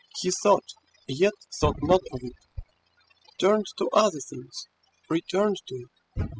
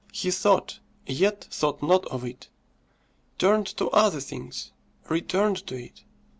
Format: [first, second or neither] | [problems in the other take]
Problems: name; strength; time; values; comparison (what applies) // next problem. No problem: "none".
second | noise reduction (classical method spectral subtraction)